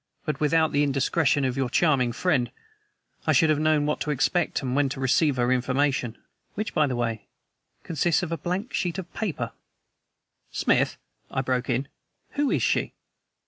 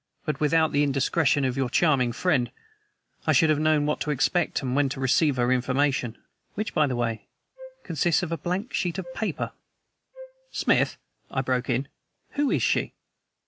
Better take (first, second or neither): first